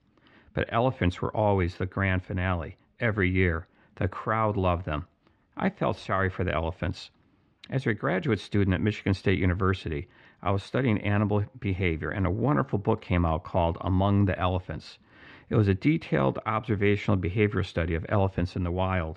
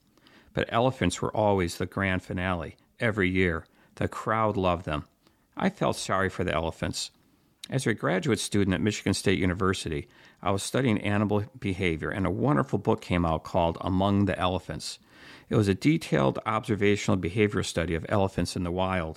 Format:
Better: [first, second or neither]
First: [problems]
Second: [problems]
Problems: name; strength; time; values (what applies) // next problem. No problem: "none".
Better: second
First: muffled; slightly; fading above 2.5 kHz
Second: none